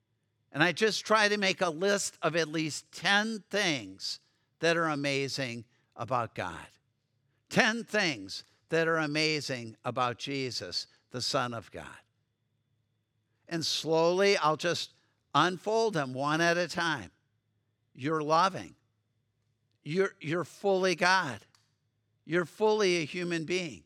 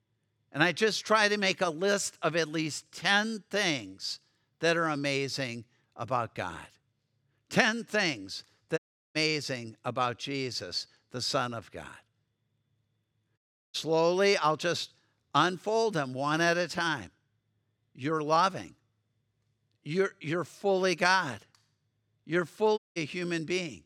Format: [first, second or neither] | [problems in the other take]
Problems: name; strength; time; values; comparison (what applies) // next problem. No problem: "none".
first | audio cutting out; at 9 s, at 13 s and at 23 s